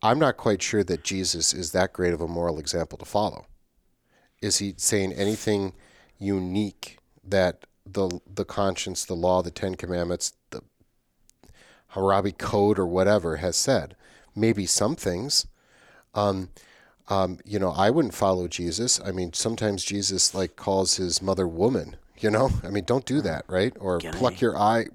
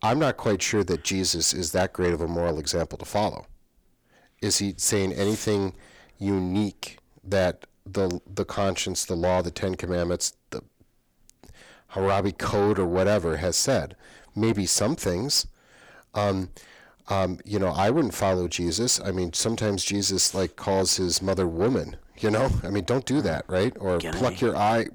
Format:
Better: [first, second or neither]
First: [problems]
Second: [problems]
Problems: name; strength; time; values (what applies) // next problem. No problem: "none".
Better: first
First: none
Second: distortion; slight; 10 dB below the speech